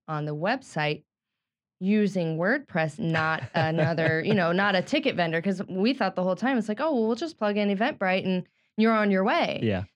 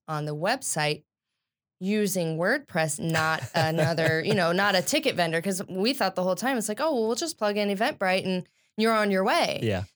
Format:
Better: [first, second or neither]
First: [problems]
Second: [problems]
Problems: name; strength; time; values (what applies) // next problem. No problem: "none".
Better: second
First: muffled; slightly; fading above 3 kHz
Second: none